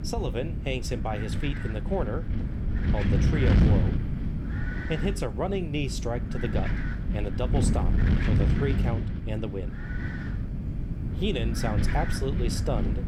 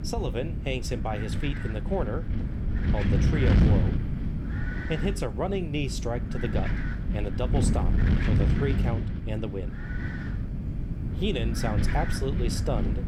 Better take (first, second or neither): neither